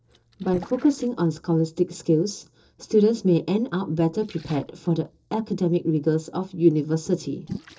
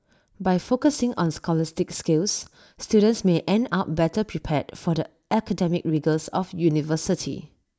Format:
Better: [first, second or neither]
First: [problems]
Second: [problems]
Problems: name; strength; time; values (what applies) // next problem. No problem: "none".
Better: second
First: noise reduction (neural separator model SepFormer DNS4)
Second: none